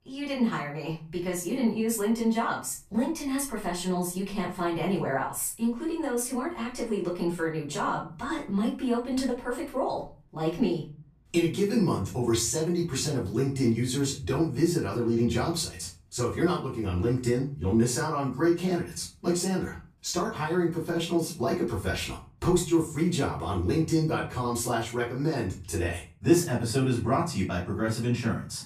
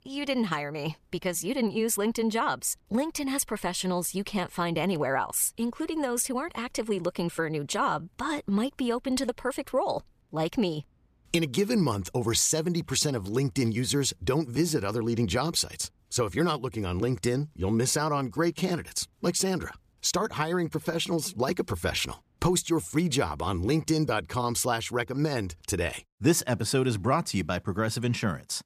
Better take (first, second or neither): second